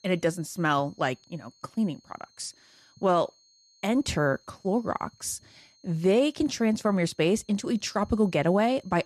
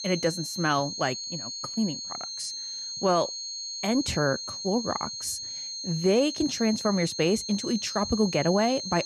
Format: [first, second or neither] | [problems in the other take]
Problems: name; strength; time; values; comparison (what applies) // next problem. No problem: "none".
first | high-pitched whine; loud; throughout; 4 kHz, 6 dB below the speech; faint in the first